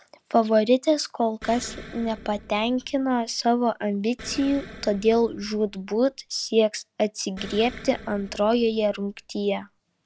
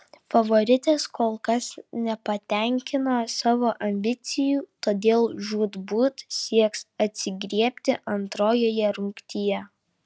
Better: second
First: background sound (Explosion); 19 dB below the speech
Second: none

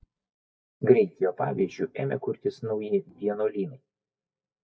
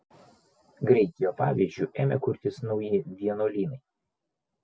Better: second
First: noise reduction (neural mask model DeepFilterNet 3)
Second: none

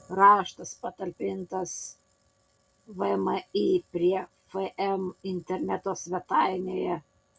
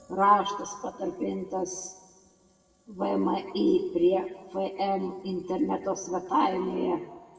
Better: first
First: none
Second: room echo; dies away in 1.5 s

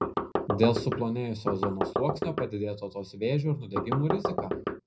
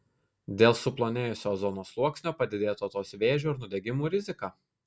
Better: second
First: background sound (Knock); 1 dB below the speech // room echo; dies away in 0.4 s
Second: none

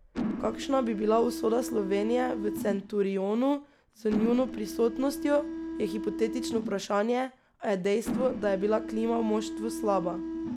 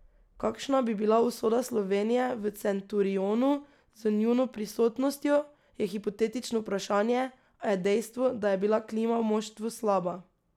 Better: second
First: background sound (Mechanisms); 7 dB below the speech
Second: none

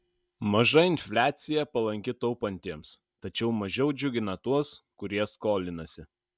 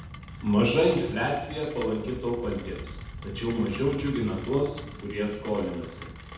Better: first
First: none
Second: background sound (Rain); 12 dB below the speech // room echo; dies away in 0.8 s

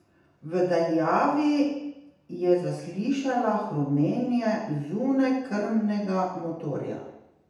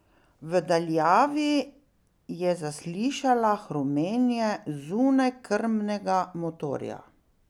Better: second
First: room echo; dies away in 0.8 s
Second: none

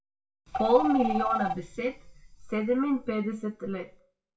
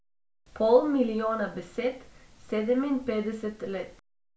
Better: second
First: noise reduction (classical method WPE with log-MMSE)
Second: none

